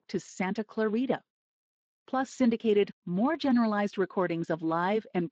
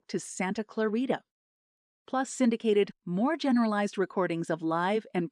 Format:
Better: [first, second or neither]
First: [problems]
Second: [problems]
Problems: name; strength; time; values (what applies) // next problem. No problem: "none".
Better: second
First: garbled, watery; slightly; nothing above 7.5 kHz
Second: none